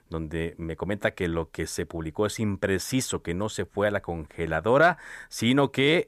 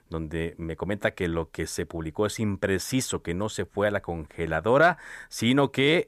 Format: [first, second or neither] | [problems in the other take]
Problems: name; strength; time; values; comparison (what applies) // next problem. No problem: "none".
neither | none